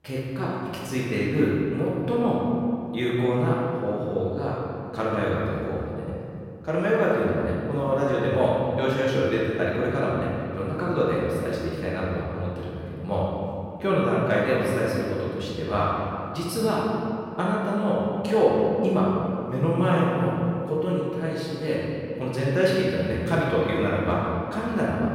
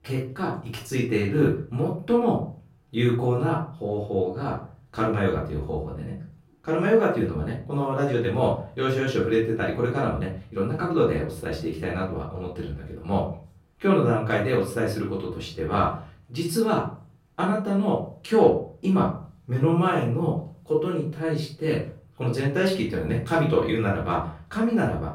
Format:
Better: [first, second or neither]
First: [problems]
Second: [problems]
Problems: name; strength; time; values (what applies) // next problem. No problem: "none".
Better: second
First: room echo; strong; dies away in 2.4 s // off-mic speech; far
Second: room echo; slight; dies away in 0.4 s // off-mic speech; far